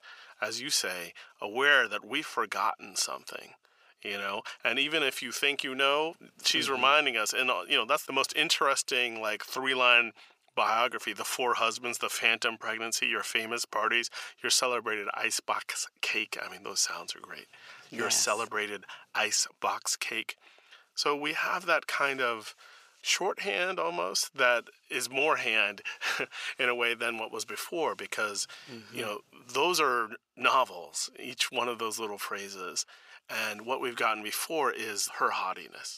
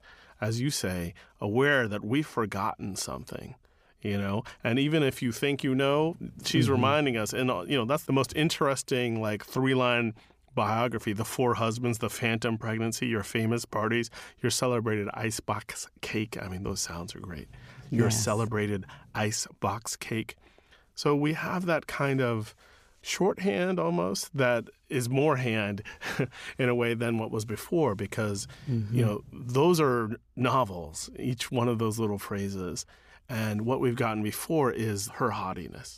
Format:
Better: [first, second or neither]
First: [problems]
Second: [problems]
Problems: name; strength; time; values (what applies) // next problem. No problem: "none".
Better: second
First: thin; very; fading below 550 Hz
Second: none